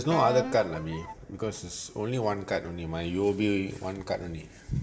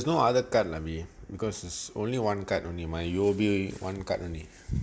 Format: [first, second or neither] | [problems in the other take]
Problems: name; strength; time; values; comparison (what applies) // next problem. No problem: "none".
second | background sound (Wind instrument, woodwind instrument); 7 dB below the speech // room echo; dies away in 1.5 s